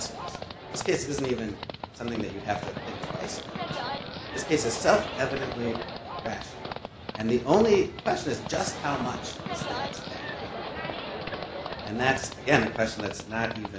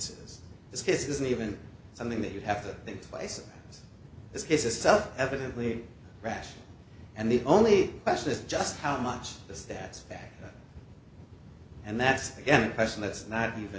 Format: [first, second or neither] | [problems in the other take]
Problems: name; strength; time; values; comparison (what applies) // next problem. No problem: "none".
second | background sound (Livestock, farm animals, working animals); 7 dB below the speech